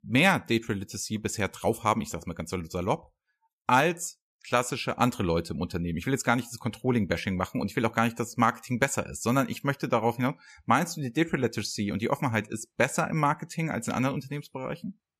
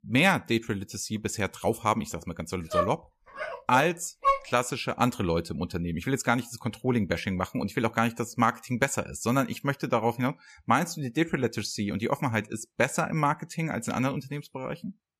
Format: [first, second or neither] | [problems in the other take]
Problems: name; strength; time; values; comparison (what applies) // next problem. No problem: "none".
first | dog barking; loud; from 2.5 to 4.5 s; peak 2 dB above the speech